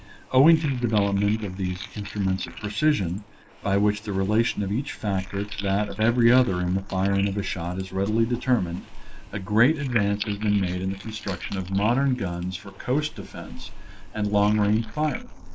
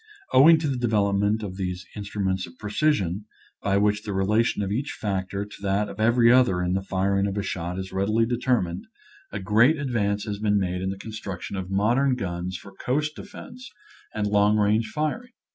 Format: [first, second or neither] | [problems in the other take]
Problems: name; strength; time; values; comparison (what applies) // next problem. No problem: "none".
second | noise reduction (neural mask model Resemble Enhance denoiser)